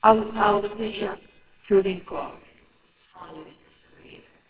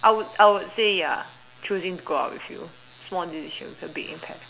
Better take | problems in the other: second | noise reduction (neural separator model SepFormer WHAMR!)

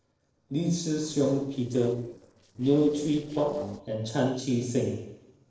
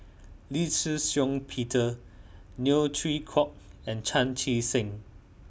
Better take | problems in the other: second | noise reduction (neural separator model SepFormer DNS4)

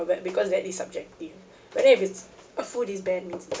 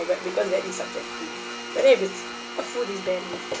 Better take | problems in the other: first | background sound (Domestic sounds, home sounds); 9 dB below the speech

